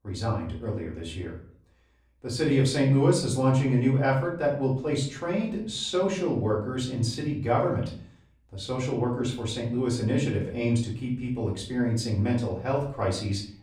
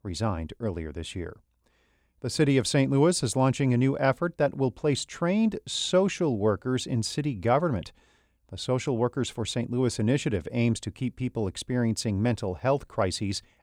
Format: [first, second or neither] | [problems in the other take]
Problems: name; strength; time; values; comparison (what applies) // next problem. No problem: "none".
second | off-mic speech; far // room echo; slight; dies away in 0.5 s